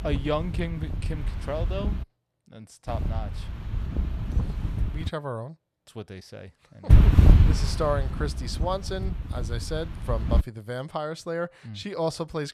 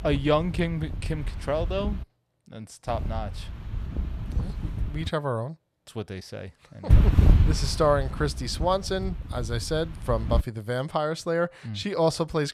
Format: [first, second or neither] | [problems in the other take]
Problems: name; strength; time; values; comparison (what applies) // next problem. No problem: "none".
second | wind noise on the microphone; heavy; until 2 s, from 3 to 5 s and from 7 to 10 s; 6 dB below the speech; occasional gusts in the second